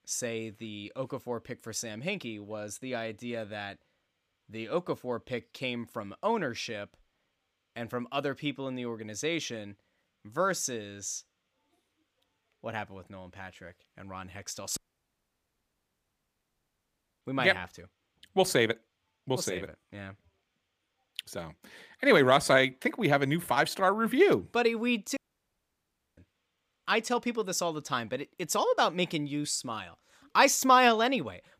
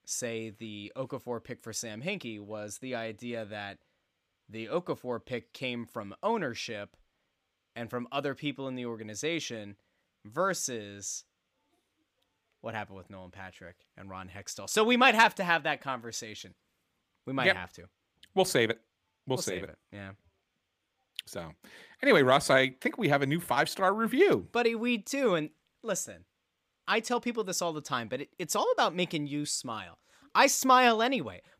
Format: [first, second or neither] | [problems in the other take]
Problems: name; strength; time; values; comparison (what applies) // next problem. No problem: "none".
second | audio cutting out; at 15 s for 2.5 s and at 25 s for 1 s